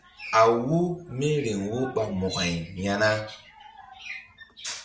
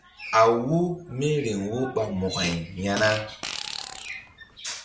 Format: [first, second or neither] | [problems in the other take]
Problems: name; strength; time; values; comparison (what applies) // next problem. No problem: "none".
first | background sound (Fart); 11 dB below the speech